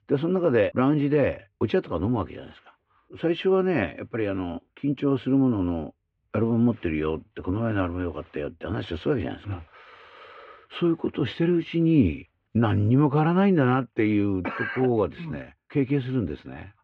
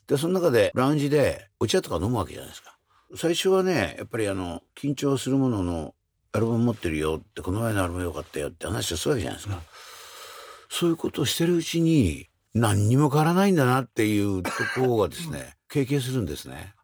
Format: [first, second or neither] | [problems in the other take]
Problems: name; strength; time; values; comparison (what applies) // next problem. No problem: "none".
second | muffled; very; fading above 2.5 kHz